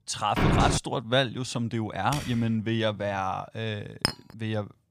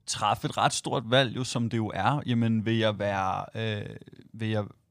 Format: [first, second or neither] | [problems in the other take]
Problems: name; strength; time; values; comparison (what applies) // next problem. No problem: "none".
second | door banging; loud; at 0.5 s; peak 5 dB above the speech // keyboard typing; noticeable; at 2 s; peak 8 dB below the speech // clattering dishes; noticeable; at 4 s; peak 1 dB below the speech